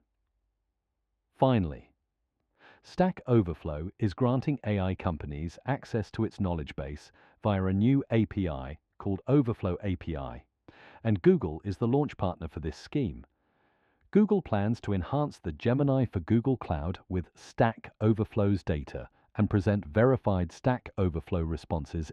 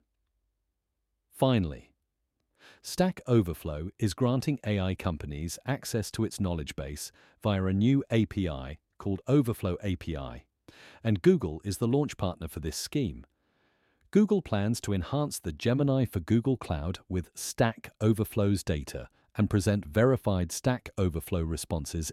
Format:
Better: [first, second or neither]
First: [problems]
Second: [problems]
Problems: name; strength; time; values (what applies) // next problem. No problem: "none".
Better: second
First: muffled; very; fading above 2.5 kHz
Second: none